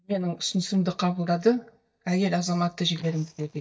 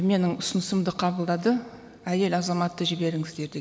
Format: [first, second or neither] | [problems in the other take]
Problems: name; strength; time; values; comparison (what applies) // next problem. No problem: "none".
second | noise reduction (neural mask model DeepFilterNet 3)